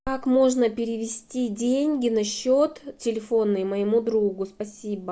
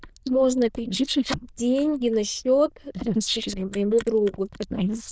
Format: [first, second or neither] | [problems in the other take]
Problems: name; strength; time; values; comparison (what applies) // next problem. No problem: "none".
first | noise reduction (neural diffusion model UNIVERSE++)